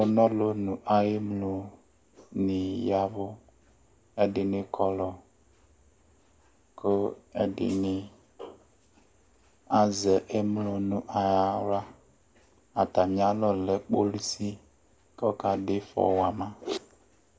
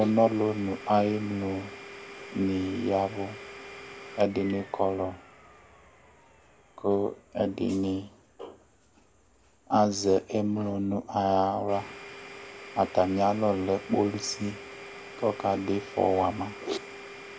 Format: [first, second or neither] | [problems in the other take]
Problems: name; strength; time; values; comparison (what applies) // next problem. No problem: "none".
first | background sound (Domestic sounds, home sounds); 17 dB below the speech